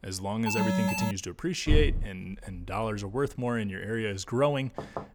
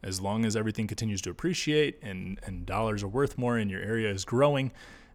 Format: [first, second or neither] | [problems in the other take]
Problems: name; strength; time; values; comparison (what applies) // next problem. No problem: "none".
second | alarm; loud; at 0.5 s; peak 4 dB above the speech // door banging; loud; at 1.5 s; peak 3 dB above the speech // door banging; very faint; at 5 s; peak 8 dB below the speech